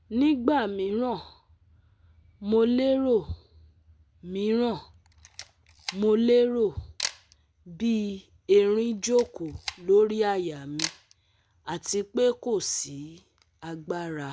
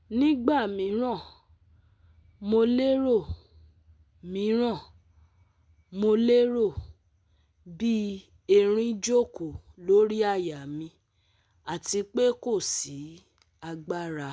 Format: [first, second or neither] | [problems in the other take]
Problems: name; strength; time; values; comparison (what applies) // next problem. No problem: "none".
second | background sound (Camera); 15 dB below the speech